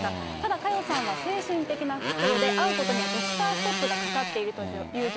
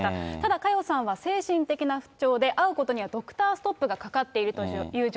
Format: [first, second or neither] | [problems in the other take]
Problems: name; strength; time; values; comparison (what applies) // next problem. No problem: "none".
second | background sound (Motorcycle); 1 dB below the speech